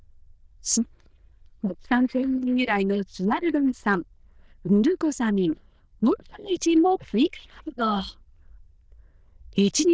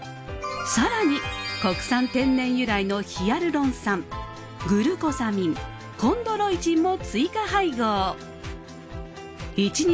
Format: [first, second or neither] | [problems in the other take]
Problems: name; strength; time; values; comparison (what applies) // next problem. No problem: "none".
second | noise reduction (neural diffusion model UNIVERSE++)